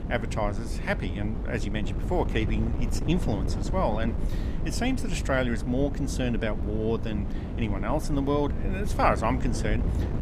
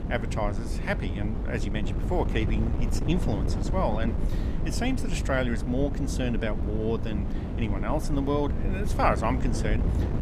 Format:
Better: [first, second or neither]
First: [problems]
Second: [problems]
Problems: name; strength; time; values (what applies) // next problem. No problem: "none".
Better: first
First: wind noise on the microphone; occasional gusts; 10 dB below the speech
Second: wind noise on the microphone; heavy; 8 dB below the speech